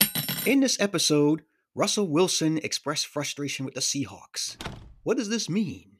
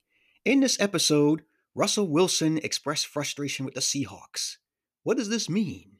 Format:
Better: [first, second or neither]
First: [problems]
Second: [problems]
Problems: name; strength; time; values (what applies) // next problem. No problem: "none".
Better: second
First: clattering dishes; loud; at the start; peak 3 dB above the speech // door banging; faint; at 4.5 s; peak 15 dB below the speech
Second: none